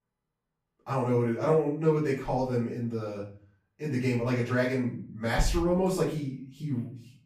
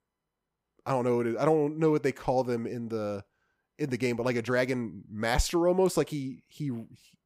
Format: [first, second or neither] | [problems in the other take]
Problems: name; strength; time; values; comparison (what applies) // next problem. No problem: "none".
second | off-mic speech; far // room echo; noticeable; dies away in 0.4 s